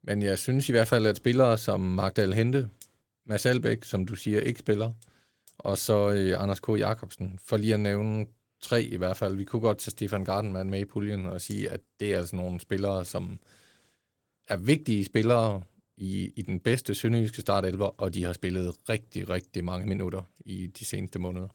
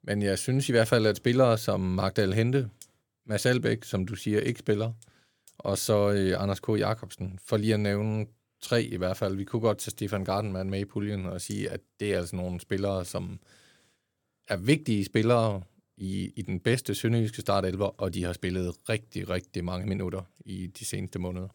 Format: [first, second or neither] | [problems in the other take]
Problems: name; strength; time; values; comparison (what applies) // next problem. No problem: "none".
second | garbled, watery; slightly; nothing above 18 kHz